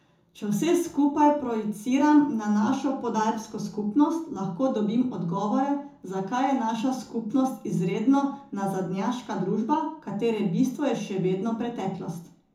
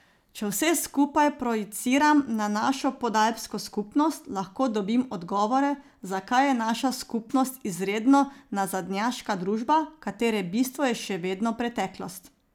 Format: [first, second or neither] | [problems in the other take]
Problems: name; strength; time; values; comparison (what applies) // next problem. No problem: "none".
second | room echo; dies away in 0.6 s